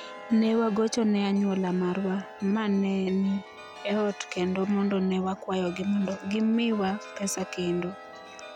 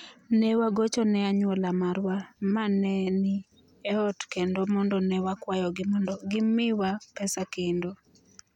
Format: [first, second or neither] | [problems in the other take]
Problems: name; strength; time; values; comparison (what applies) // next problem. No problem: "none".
second | background sound (Chime); 17 dB below the speech